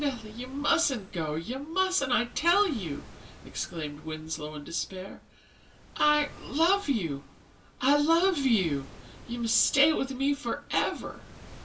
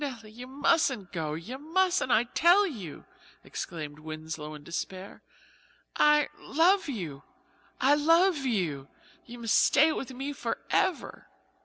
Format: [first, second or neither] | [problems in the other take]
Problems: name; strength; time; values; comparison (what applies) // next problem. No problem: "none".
second | background sound (Waves, surf); 19 dB below the speech // room echo; dies away in 0.2 s